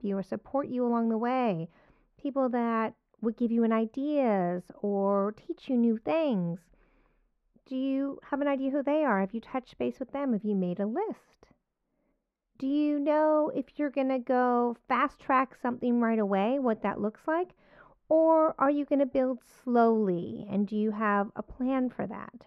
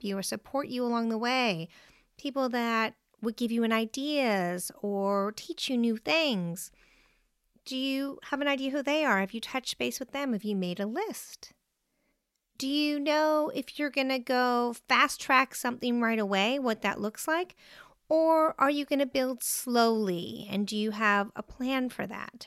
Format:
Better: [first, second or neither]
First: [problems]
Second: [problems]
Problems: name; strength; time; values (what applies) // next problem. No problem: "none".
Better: second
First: muffled; very; fading above 3 kHz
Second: none